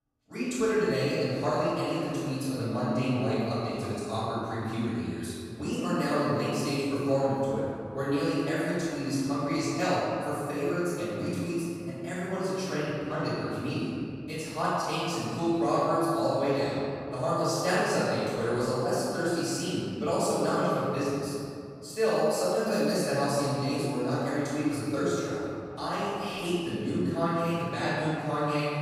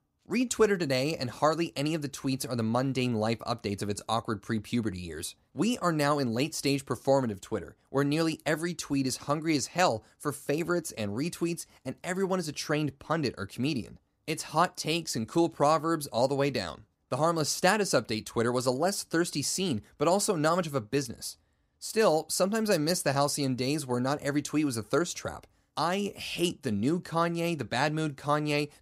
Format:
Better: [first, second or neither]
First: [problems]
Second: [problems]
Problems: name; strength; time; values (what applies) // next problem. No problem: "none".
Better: second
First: room echo; strong; dies away in 2.4 s // off-mic speech; far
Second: none